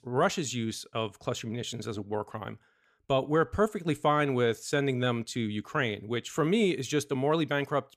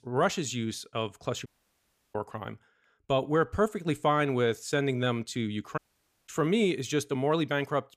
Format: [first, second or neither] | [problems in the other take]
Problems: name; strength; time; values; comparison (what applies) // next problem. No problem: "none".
first | audio cutting out; at 1.5 s for 0.5 s and at 6 s for 0.5 s